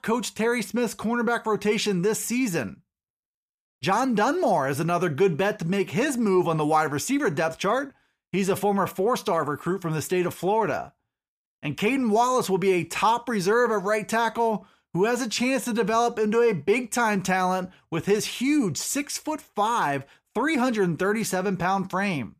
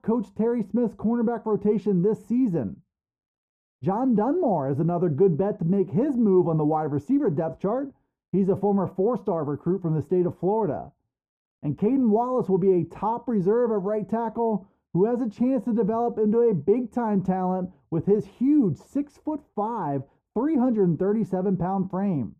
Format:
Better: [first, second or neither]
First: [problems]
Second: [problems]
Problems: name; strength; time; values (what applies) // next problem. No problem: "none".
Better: first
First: none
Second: muffled; very; fading above 1 kHz